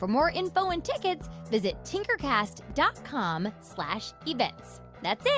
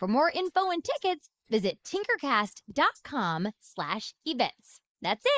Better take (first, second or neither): first